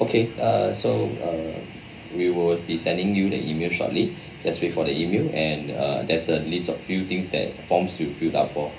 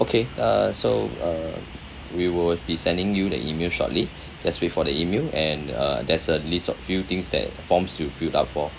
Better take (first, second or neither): second